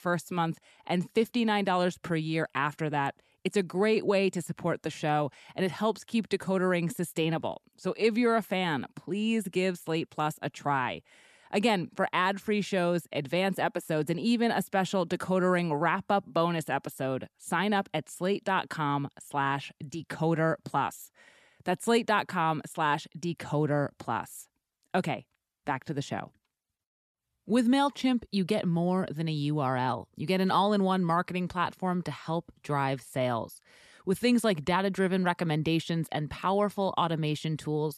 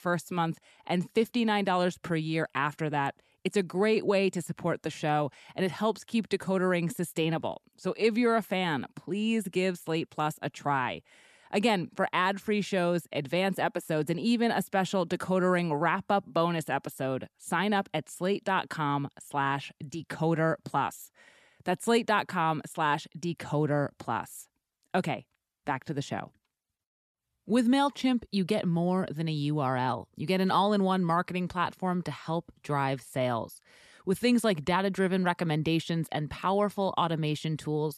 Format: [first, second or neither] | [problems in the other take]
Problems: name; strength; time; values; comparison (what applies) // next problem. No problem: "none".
neither | none